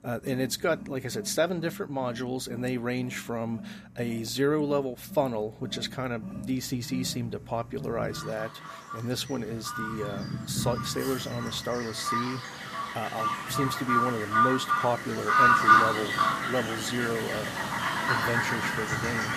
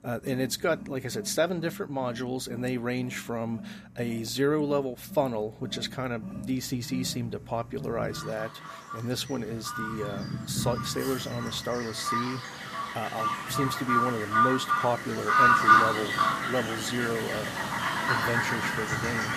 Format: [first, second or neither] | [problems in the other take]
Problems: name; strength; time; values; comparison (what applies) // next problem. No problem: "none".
neither | animal sounds; very loud; throughout; 4 dB above the speech; the same in both